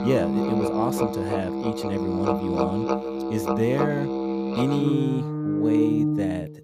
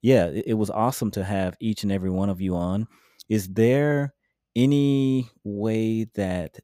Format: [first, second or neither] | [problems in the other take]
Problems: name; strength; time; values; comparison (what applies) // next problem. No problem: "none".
second | background music; very loud; throughout; 3 dB above the speech